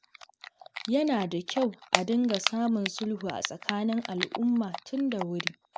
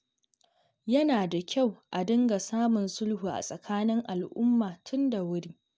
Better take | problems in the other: second | background sound (Typing); 6 dB below the speech

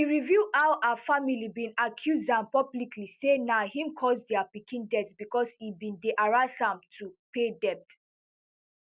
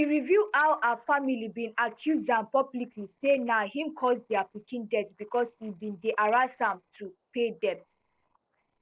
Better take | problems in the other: first | noise reduction (neural separator model SepFormer DNS4)

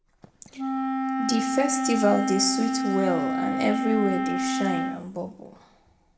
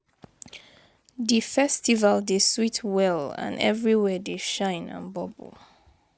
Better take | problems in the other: second | background sound (Wind instrument, woodwind instrument); as loud as the speech // room echo; dies away in 0.8 s

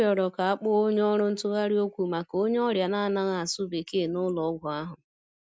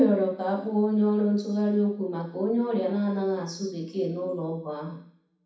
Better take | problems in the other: first | room echo; dies away in 0.6 s

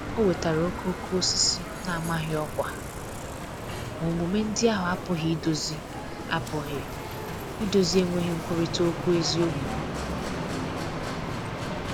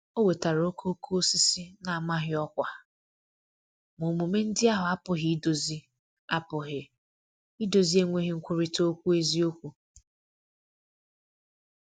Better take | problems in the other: second | background sound (Bicycle); 4 dB below the speech

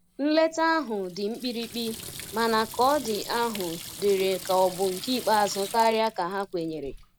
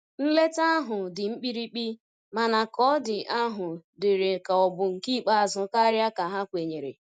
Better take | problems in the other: second | background sound (Sink (filling or washing) / Water tap, faucet); 14 dB below the speech

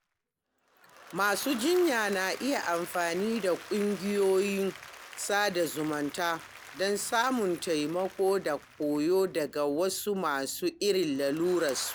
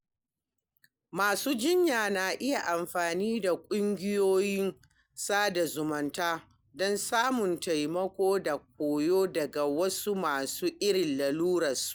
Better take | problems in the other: second | background sound (Applause / Crowd); 18 dB below the speech

